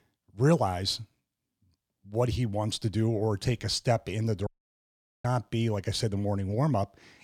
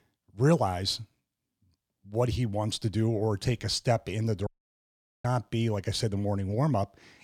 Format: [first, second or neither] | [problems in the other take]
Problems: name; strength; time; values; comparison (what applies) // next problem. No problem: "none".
neither | audio cutting out; at 4.5 s for 1 s; the same in both